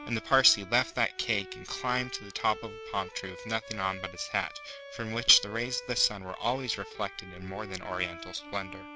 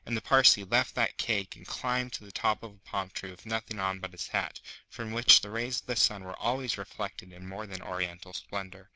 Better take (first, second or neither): second